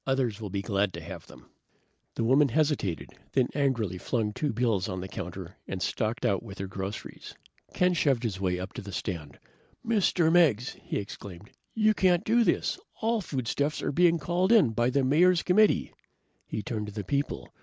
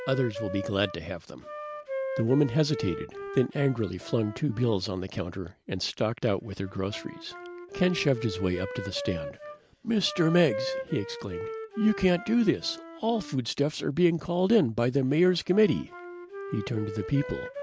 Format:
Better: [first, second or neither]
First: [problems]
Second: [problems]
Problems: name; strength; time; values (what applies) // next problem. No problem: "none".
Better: first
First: none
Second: background sound (Wind instrument, woodwind instrument); 11 dB below the speech